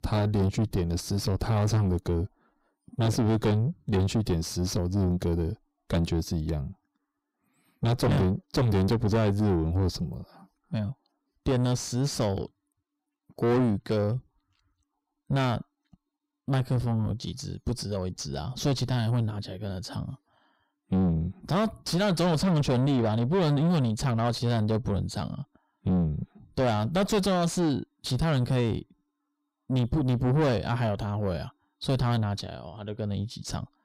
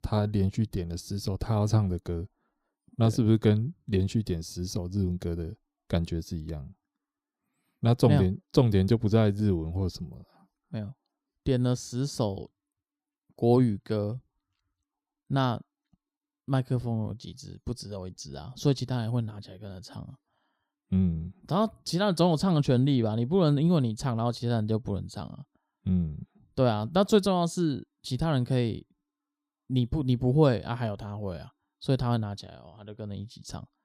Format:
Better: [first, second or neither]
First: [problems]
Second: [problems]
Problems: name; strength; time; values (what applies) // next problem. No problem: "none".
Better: second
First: distortion; heavy; 5 dB below the speech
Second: none